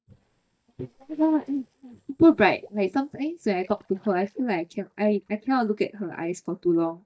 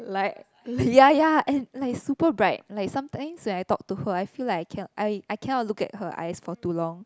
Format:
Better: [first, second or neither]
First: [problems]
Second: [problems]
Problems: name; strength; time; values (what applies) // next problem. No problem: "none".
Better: second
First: noise reduction (neural mask model DeepFilterNet 3)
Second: none